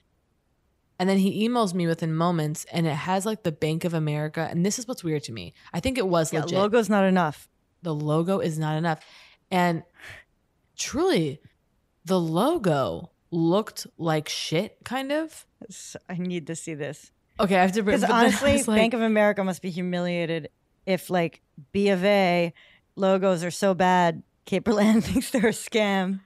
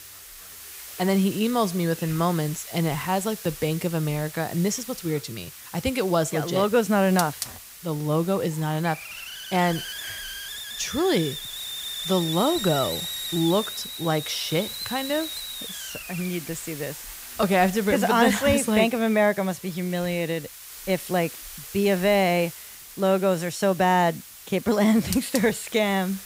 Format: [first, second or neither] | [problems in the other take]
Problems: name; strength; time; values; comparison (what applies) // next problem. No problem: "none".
first | hiss; noticeable; throughout; 10 dB below the speech